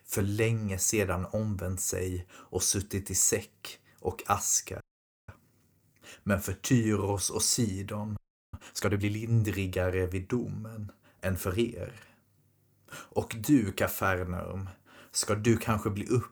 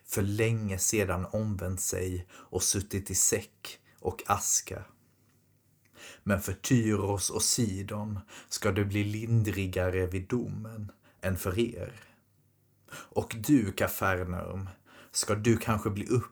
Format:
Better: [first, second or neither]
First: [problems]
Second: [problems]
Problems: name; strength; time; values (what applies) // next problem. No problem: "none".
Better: second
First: audio freezing; at 5 s and at 8 s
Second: none